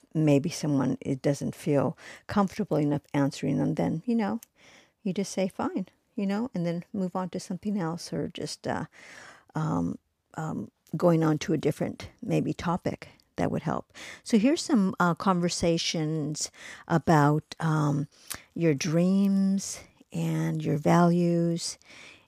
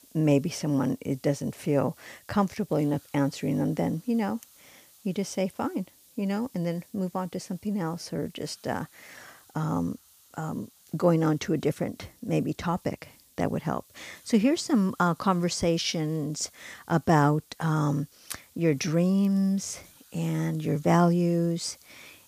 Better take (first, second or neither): first